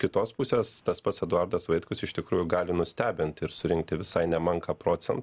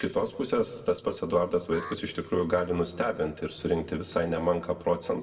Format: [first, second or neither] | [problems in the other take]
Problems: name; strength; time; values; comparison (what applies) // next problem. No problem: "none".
first | background sound (Alarm); 18 dB below the speech // room echo; dies away in 0.9 s